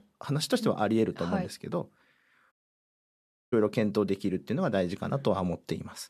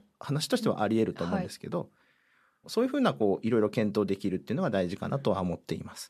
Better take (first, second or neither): second